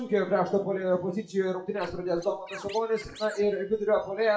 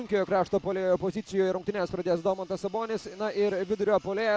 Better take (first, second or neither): second